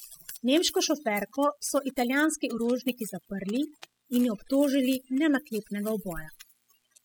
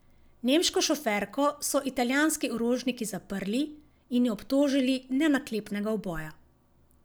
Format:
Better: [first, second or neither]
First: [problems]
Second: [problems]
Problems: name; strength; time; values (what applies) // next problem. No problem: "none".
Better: second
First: noise reduction (classical method spectral subtraction)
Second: none